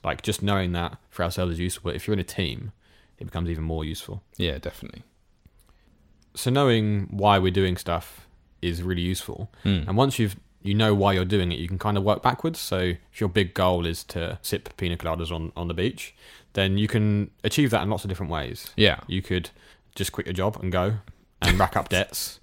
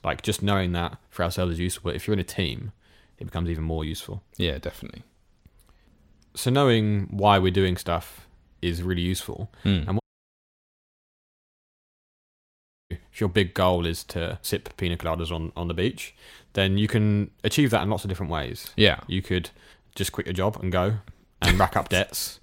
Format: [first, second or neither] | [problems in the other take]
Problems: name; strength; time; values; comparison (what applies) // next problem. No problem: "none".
first | audio cutting out; at 10 s for 3 s